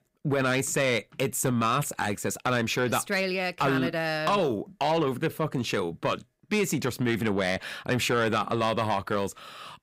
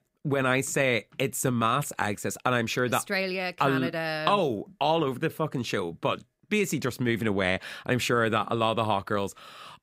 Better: second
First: distortion; slight; 10 dB below the speech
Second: none

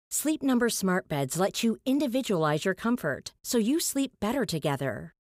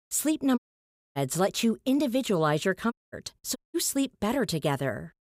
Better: first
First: none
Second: audio cutting out; at 0.5 s for 0.5 s, at 3 s and at 3.5 s

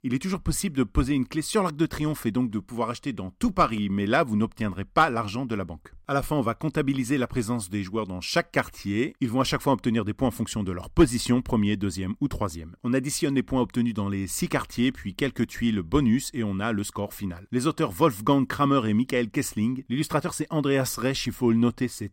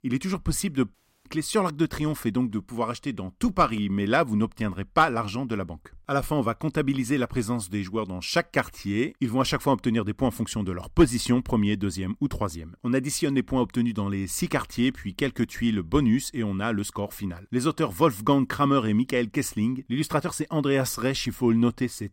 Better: first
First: none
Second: audio cutting out; at 1 s

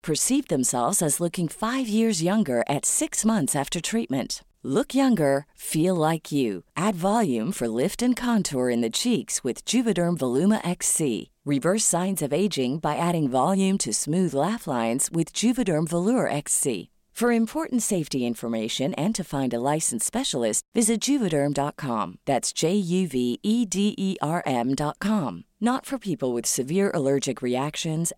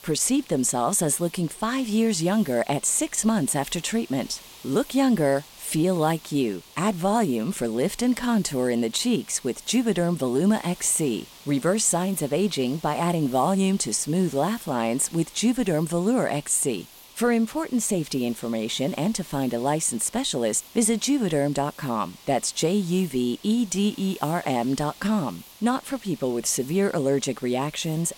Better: first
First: none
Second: hiss; faint; throughout; 20 dB below the speech

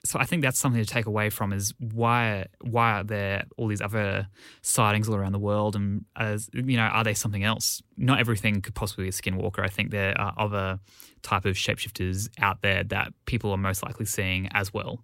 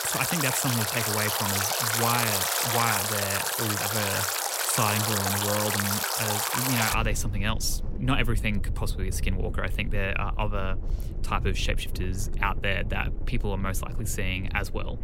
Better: first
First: none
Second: rain or running water; very loud; throughout; 2 dB above the speech

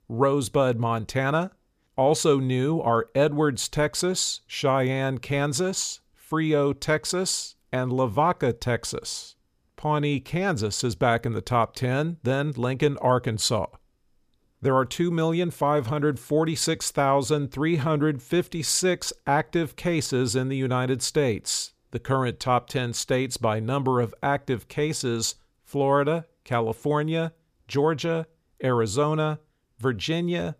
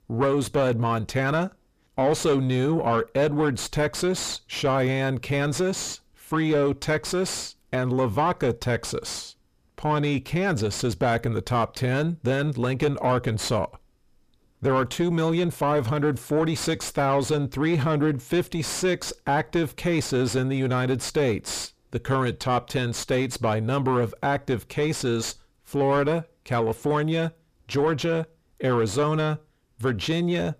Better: first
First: none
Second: distortion; slight; 9 dB below the speech

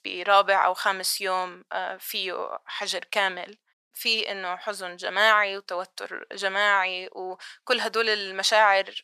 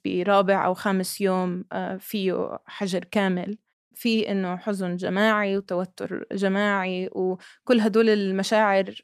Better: second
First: thin; very; fading below 900 Hz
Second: none

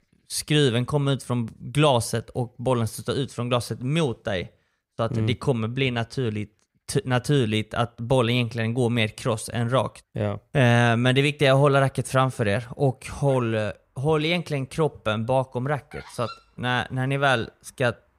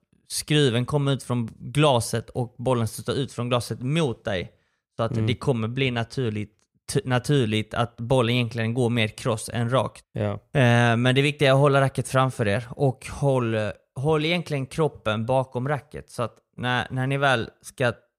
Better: second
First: animal sounds; faint; throughout; 20 dB below the speech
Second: none

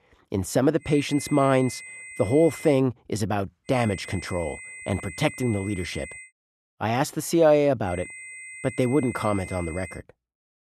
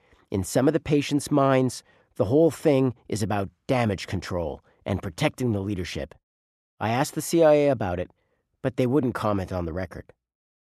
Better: second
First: high-pitched whine; noticeable; from 1 to 3 s, from 3.5 to 6.5 s and from 8 to 10 s; 2 kHz, 15 dB below the speech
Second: none

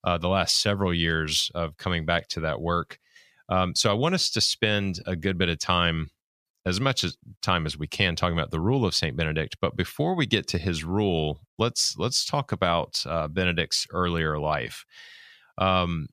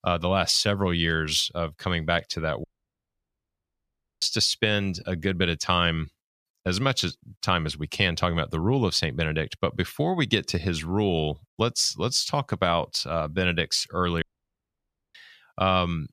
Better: first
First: none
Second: audio cutting out; at 2.5 s for 1.5 s and at 14 s for 1 s

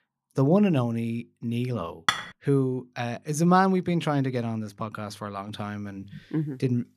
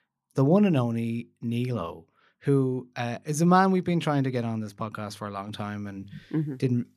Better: second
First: clattering dishes; noticeable; at 2 s; peak level with the speech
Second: none

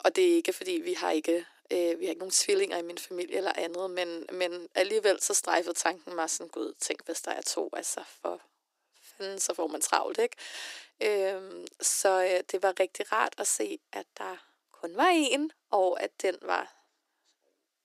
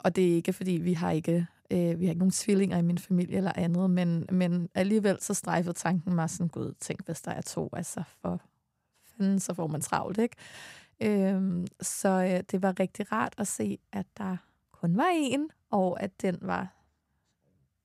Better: second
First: thin; very; fading below 300 Hz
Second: none

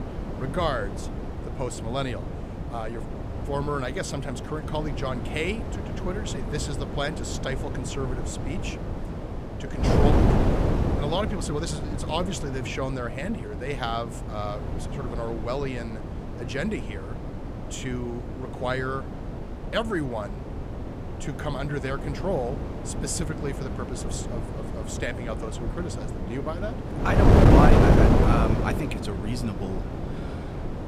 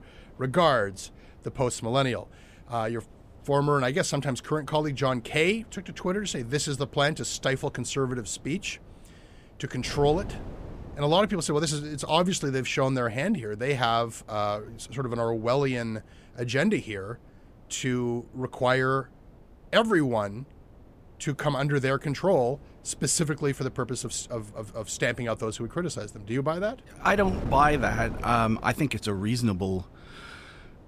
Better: second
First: wind noise on the microphone; heavy; 1 dB below the speech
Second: wind noise on the microphone; occasional gusts; 25 dB below the speech

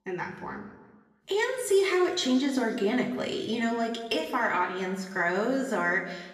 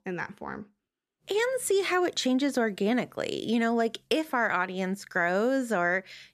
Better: second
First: room echo; slight; dies away in 1 s // off-mic speech; somewhat distant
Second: none

